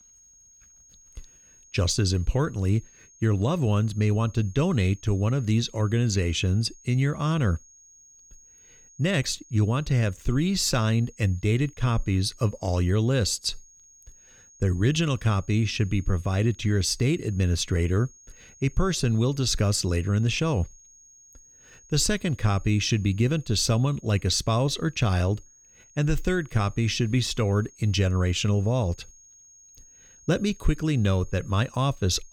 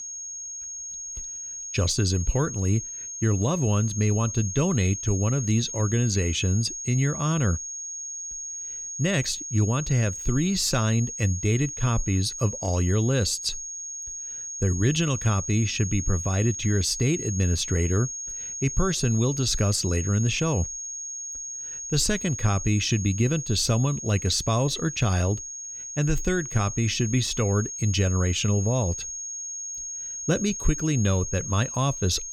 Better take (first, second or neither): first